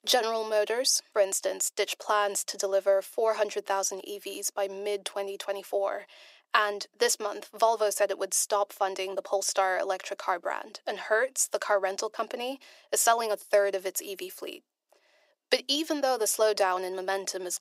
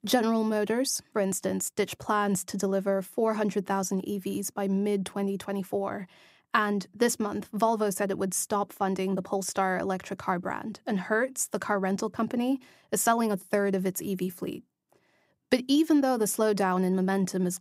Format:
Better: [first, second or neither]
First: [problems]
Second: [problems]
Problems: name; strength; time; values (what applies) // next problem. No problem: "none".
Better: second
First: thin; very; fading below 400 Hz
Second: none